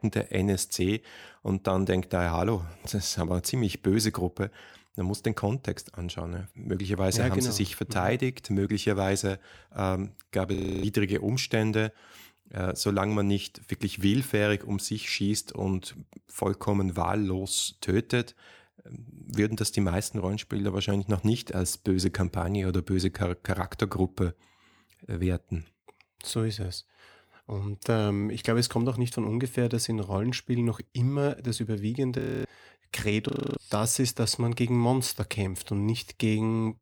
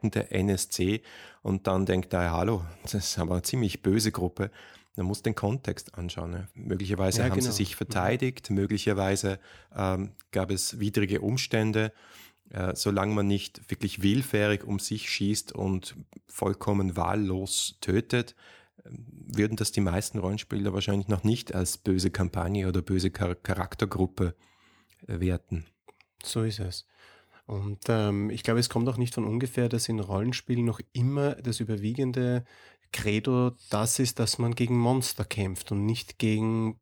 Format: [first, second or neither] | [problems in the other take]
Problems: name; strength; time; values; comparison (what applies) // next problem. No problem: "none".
second | audio freezing; at 11 s, at 32 s and at 33 s